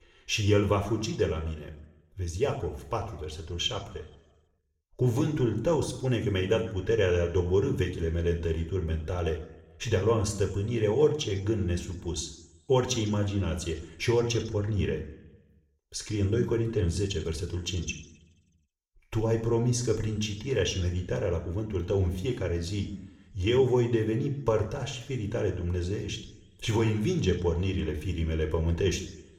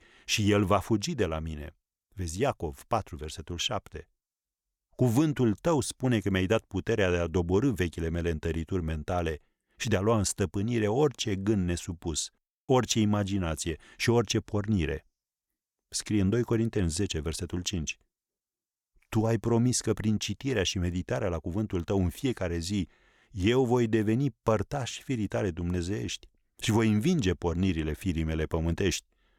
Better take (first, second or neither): second